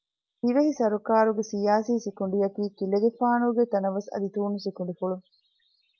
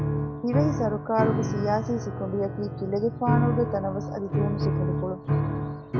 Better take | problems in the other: first | background sound (Piano); 1 dB above the speech

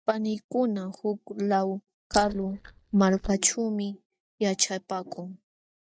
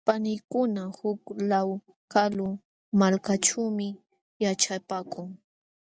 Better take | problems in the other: second | noise reduction (neural mask model DeepFilterNet 3)

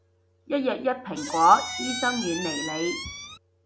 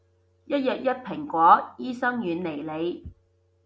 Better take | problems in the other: second | background sound (Squeak); 8 dB below the speech

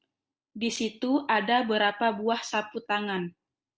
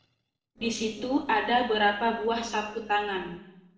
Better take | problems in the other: first | noise reduction (neural separator model SepFormer DNS4)

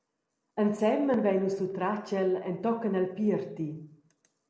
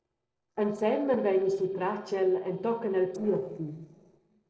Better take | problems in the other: first | noise reduction (neural separator model SepFormer DNS4)

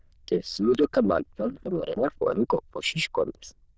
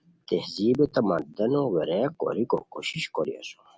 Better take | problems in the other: second | noise reduction (neural diffusion model UNIVERSE++)

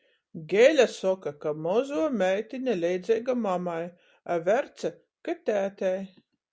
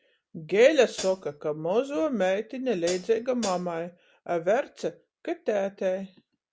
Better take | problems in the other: first | background sound (Hi-hat); 12 dB below the speech

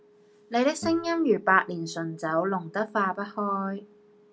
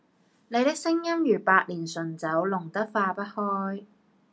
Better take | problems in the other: second | background sound (Acoustic guitar); 19 dB below the speech

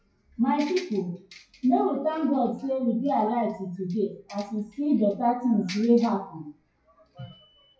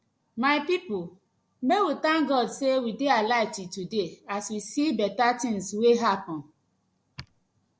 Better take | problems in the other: second | noise reduction (classical method WPE with log-MMSE)

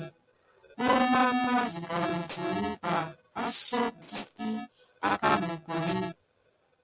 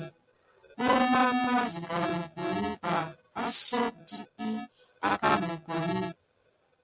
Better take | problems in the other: second | background sound (Tools); 16 dB below the speech

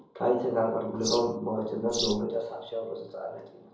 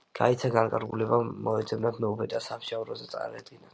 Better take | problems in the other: second | background sound (Bird vocalization, bird call, bird song); 7 dB below the speech // room echo; dies away in 2.7 s

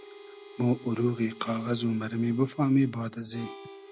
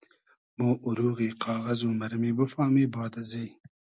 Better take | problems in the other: second | background sound (Harmonica); 19 dB below the speech

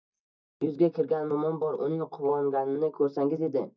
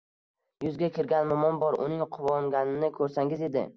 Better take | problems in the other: second | noise reduction (neural mask model DeepFilterNet 3)

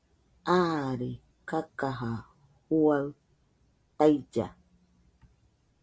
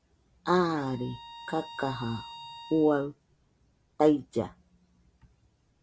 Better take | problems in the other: first | background sound (Bowed string instrument); 16 dB below the speech

